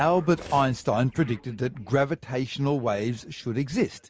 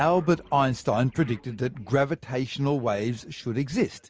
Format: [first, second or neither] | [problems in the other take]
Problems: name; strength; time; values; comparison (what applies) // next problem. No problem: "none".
second | background sound (Cutlery, silverware); 19 dB below the speech